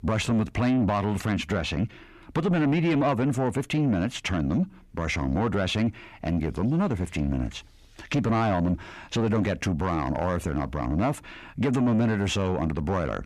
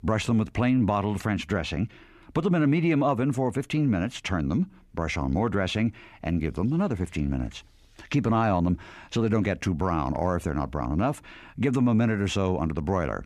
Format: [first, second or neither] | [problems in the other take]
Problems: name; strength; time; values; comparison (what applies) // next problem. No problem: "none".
second | distortion; slight; 10 dB below the speech